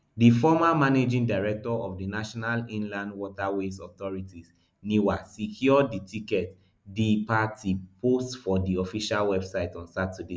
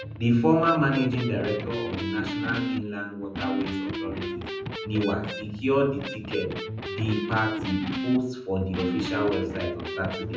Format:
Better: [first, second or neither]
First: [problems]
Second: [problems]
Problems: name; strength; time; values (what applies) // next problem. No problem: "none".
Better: first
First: none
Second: background sound (Electric guitar); 5 dB below the speech // room echo; dies away in 0.6 s